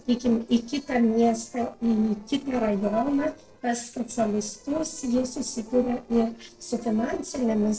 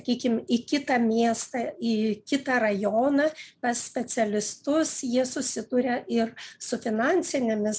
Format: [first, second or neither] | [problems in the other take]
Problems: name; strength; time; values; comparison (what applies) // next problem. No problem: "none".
second | noise reduction (neural separator model SepFormer DNS4)